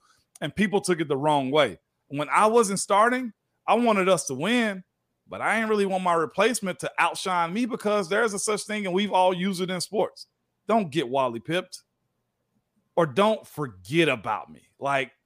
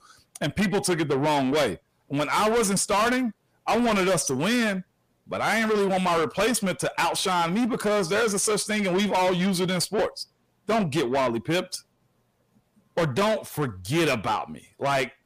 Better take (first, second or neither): first